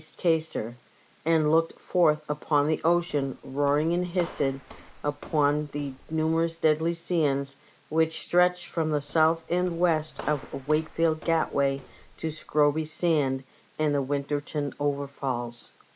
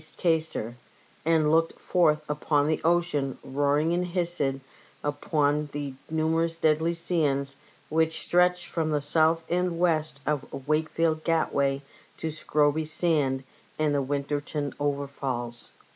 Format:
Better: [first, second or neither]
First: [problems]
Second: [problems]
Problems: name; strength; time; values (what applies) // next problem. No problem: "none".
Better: second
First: background sound (Walk, footsteps); 20 dB below the speech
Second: none